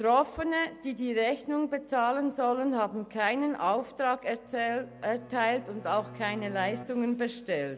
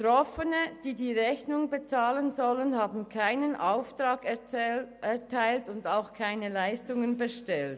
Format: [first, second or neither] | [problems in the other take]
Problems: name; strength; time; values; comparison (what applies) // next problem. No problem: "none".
second | background sound (Bowed string instrument); 17 dB below the speech